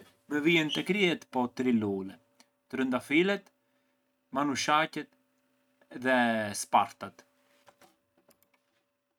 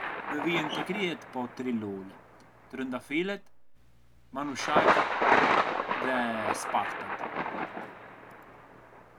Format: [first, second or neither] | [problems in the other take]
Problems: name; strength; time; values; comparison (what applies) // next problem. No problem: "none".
first | background sound (Thunder); 4 dB above the speech